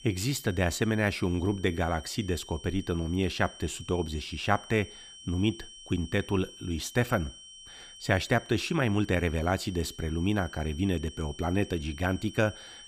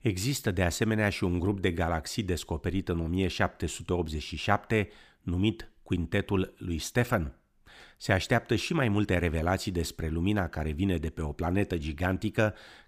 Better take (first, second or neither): second